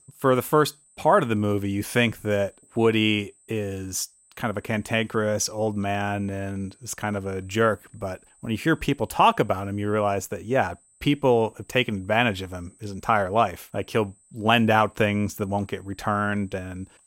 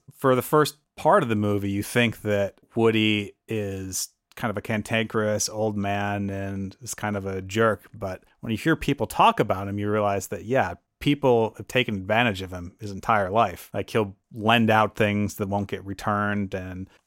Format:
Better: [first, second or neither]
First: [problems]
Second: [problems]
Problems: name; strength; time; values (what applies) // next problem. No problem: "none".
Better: second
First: high-pitched whine; faint; throughout; 8.5 kHz, 30 dB below the speech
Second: none